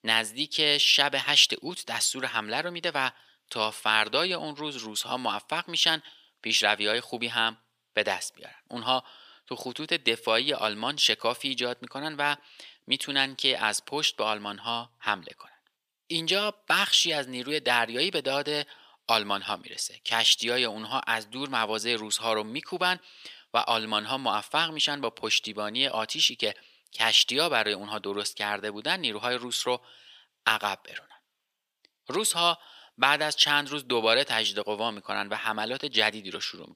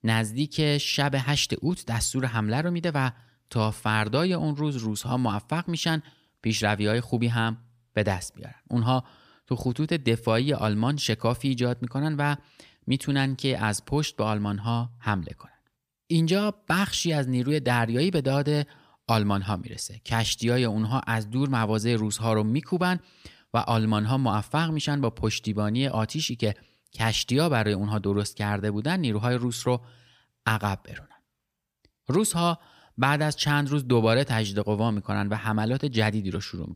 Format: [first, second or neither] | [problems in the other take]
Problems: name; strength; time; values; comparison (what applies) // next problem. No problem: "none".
second | thin; very; fading below 500 Hz